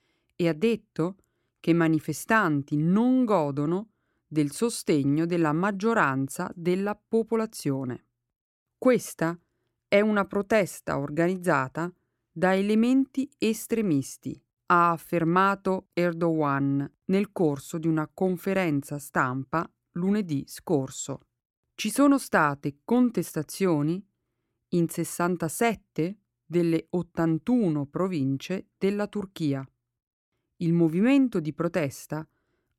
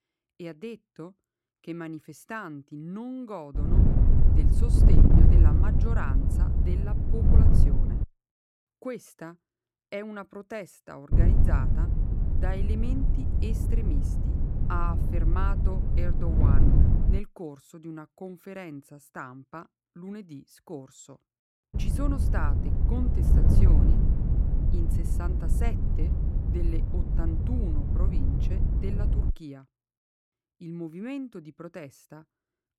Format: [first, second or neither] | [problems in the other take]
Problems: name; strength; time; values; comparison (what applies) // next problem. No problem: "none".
first | wind noise on the microphone; heavy; from 3.5 to 8 s, from 11 to 17 s and from 22 to 29 s; 1 dB above the speech